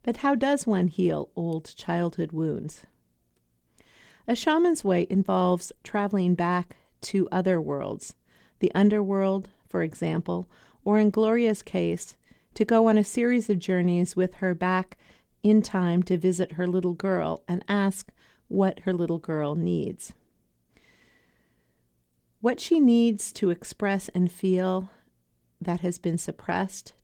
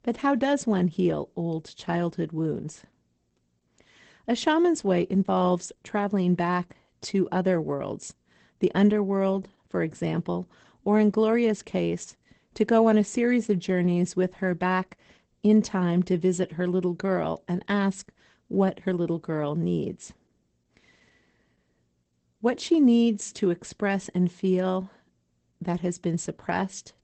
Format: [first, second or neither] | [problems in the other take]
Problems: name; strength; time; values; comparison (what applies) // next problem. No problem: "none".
first | garbled, watery; badly; nothing above 8 kHz; slightly in the first